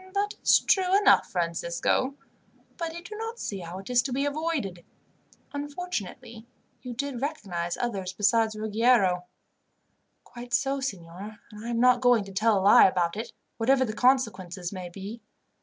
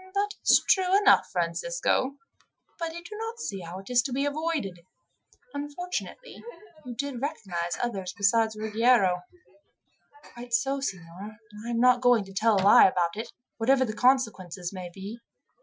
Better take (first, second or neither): first